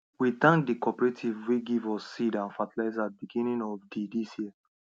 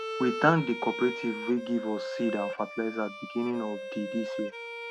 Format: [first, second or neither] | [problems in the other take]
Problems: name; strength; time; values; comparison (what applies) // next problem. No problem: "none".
first | background sound (Bowed string instrument); 7 dB below the speech